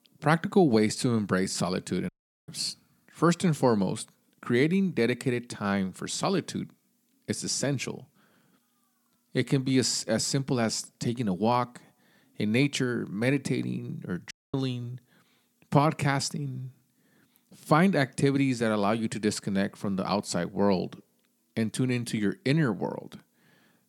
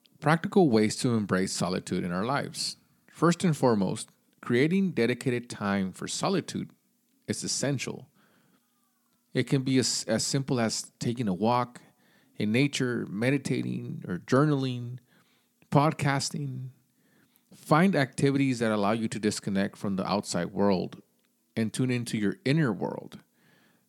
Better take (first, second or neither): second